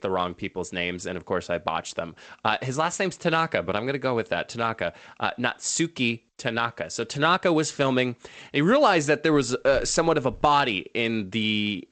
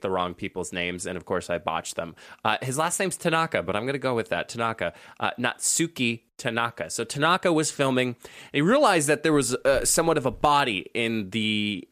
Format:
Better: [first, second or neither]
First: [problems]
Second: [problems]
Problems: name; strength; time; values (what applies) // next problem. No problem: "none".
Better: second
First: garbled, watery; slightly; nothing above 8 kHz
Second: none